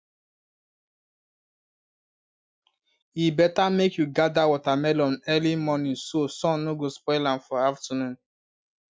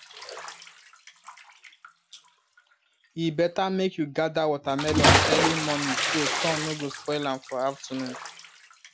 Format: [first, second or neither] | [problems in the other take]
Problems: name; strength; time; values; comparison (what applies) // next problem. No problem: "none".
first | background sound (Bathtub (filling or washing) / Splash, splatter); 1 dB above the speech